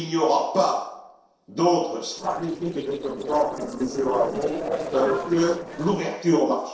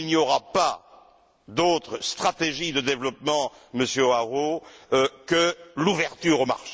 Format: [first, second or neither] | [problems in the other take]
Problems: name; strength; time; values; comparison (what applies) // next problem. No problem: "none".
second | noise reduction (neural separator model SepFormer DNS4)